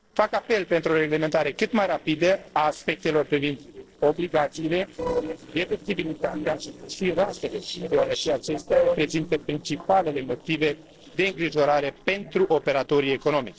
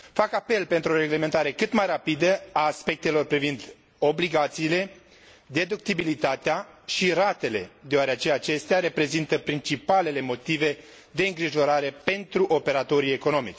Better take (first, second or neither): second